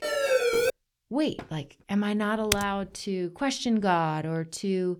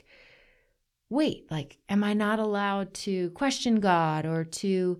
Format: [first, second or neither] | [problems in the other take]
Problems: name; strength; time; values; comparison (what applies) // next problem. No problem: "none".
second | siren; loud; at the start; peak 5 dB above the speech // door banging; faint; at 1.5 s; peak 15 dB below the speech // keyboard typing; noticeable; at 2.5 s; peak 1 dB below the speech